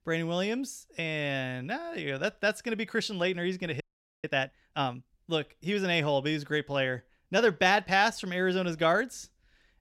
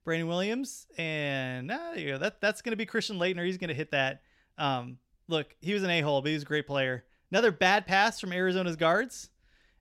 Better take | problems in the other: second | audio freezing; at 4 s

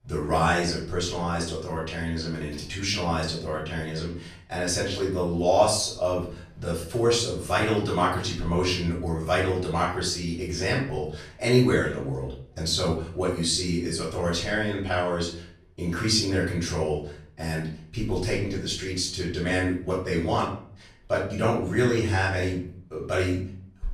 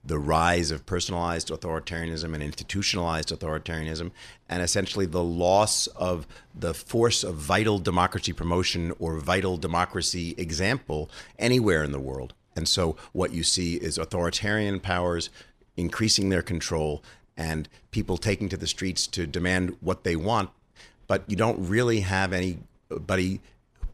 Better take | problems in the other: second | room echo; noticeable; dies away in 0.5 s // off-mic speech; far

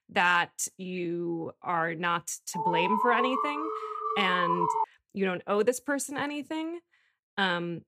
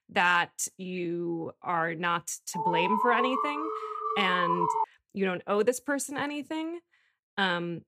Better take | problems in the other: neither | alarm; loud; from 2.5 to 5 s; peak 2 dB above the speech; the same in both

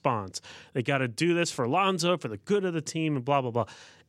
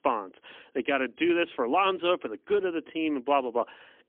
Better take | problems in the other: first | phone-call audio; poor line; nothing above 3.5 kHz

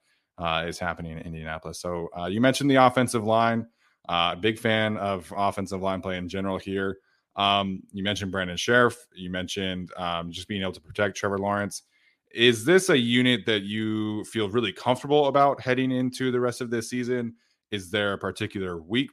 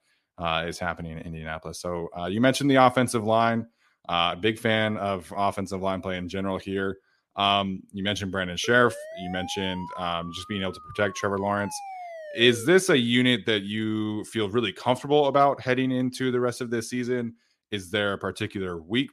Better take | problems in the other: first | siren; faint; from 8.5 to 13 s; peak 15 dB below the speech

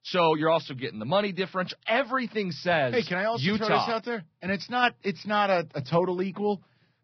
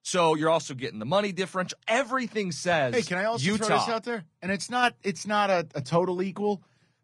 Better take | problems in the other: second | garbled, watery; badly; nothing above 5.5 kHz; slightly in the second

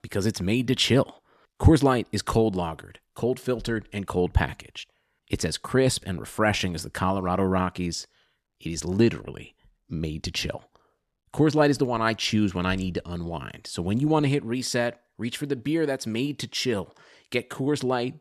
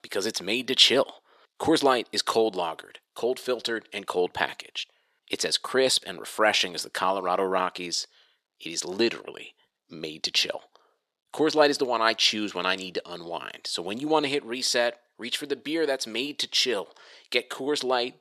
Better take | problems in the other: first | thin; somewhat; fading below 500 Hz

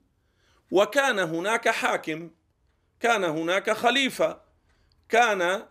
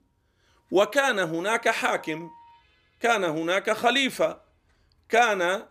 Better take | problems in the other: first | background music; faint; throughout; 30 dB below the speech

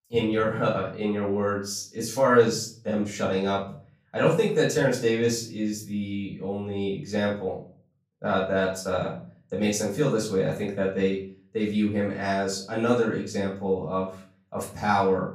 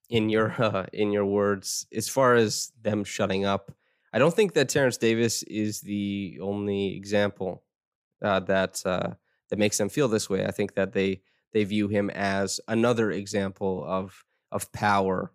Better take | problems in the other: second | off-mic speech; far // room echo; slight; dies away in 0.4 s

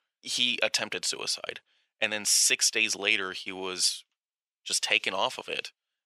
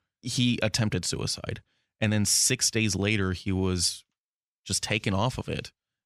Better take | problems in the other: second | thin; very; fading below 600 Hz

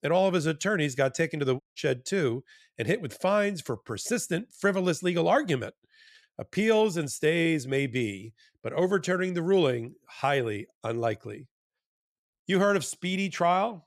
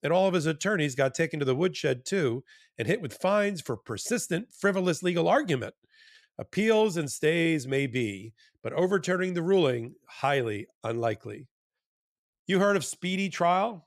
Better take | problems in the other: second | audio cutting out; at 1.5 s

